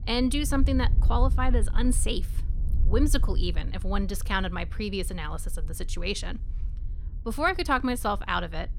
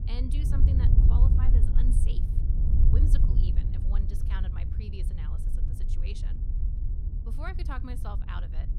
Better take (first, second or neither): first